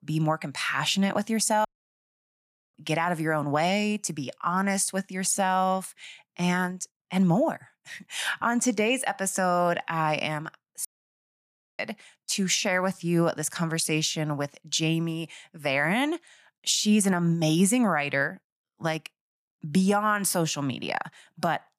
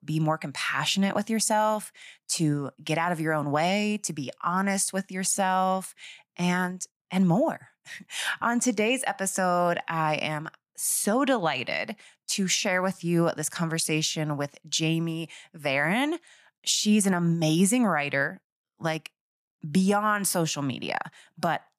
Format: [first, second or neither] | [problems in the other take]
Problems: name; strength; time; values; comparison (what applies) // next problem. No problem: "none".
second | audio cutting out; at 1.5 s for 1 s and at 11 s for 1 s